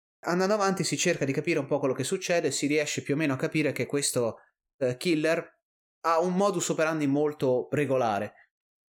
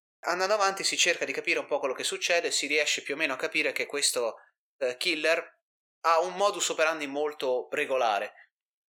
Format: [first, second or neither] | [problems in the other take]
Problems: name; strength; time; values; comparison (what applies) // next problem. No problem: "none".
first | thin; very; fading below 600 Hz